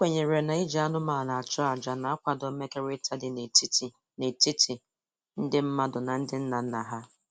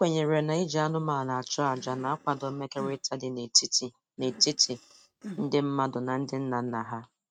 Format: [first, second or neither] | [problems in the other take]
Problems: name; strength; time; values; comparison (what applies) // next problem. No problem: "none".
first | noise reduction (neural mask model RNNoise)